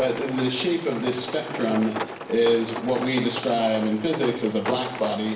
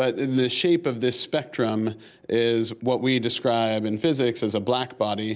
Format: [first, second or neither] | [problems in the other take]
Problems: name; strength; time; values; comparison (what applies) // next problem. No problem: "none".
second | background sound (Rain); 9 dB below the speech // room echo; dies away in 0.8 s